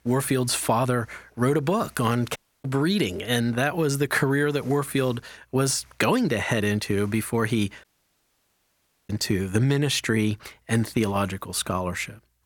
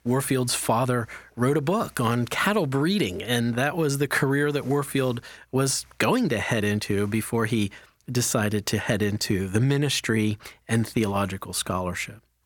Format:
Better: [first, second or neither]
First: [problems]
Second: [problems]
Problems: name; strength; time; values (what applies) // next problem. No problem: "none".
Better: second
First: audio cutting out; at 2.5 s and at 8 s for 1.5 s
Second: none